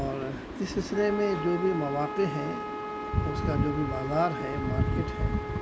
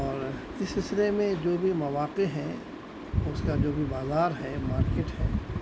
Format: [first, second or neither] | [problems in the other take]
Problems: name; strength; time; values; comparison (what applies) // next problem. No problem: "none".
second | background sound (Wind instrument, woodwind instrument); 8 dB below the speech